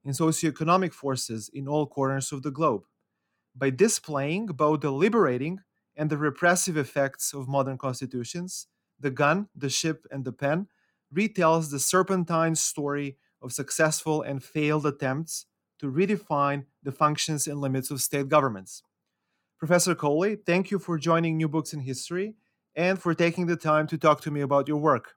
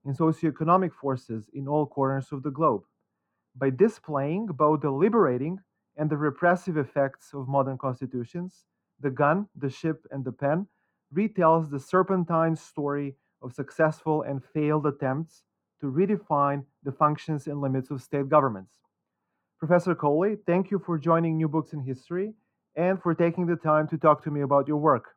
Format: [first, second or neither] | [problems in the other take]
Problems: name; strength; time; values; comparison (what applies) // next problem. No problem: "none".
first | muffled; very; fading above 3 kHz